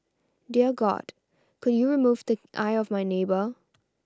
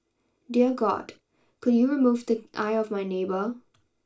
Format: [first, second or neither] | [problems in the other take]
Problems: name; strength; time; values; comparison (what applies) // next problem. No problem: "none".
first | room echo; dies away in 0.2 s